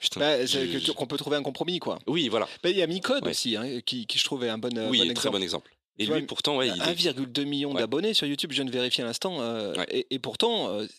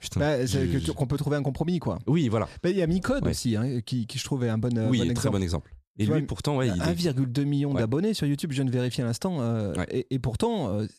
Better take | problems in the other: second | thin; somewhat; fading below 350 Hz

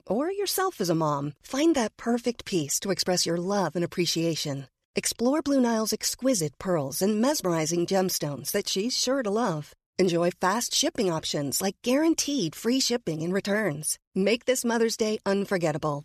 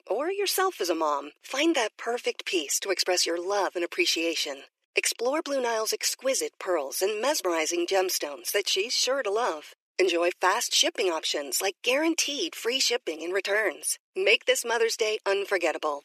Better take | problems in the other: first | thin; very; fading below 350 Hz

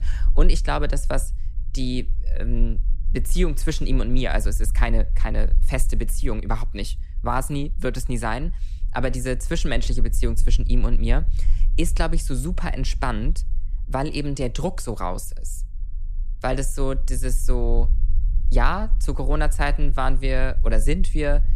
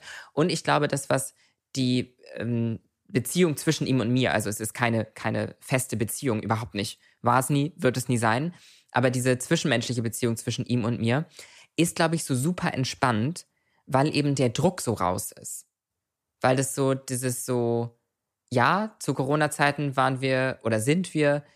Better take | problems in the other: second | low rumble; faint; throughout; 25 dB below the speech

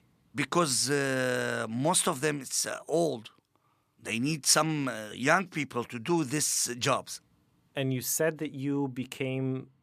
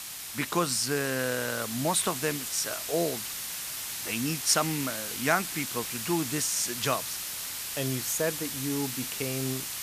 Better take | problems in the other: first | hiss; loud; throughout; 3 dB below the speech

